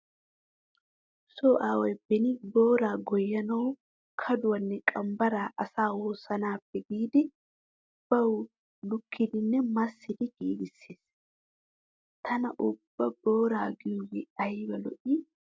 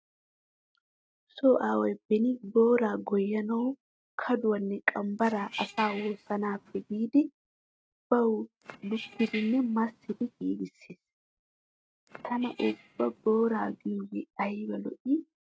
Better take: first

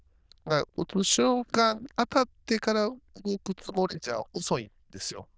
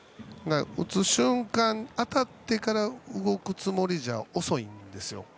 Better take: second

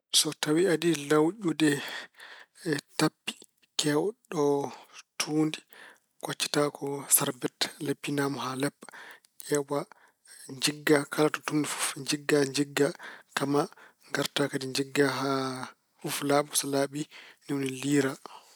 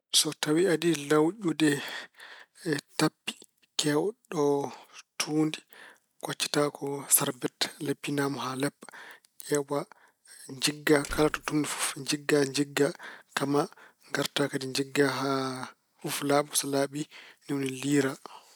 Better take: first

